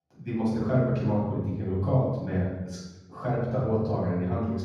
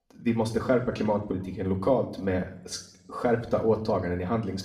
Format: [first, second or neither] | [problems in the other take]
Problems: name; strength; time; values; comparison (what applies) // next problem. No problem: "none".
second | room echo; strong; dies away in 1.3 s; slight in the second // off-mic speech; far; somewhat distant in the second